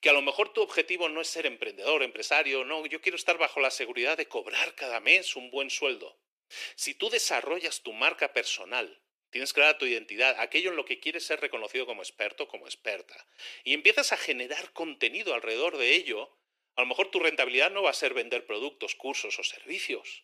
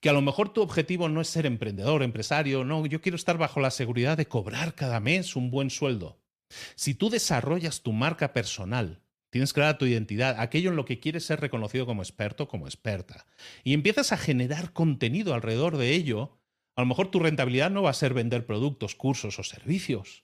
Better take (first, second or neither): second